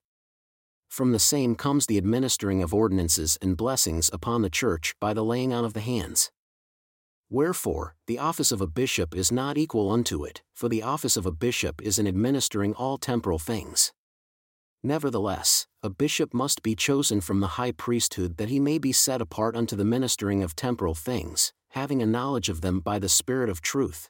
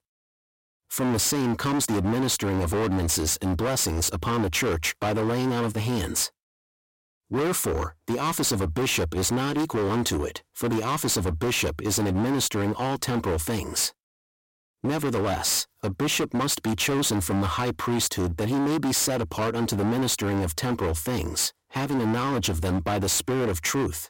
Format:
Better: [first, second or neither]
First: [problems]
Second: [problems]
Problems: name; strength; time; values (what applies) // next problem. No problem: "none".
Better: first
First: none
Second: distortion; heavy; 30% of the sound clipped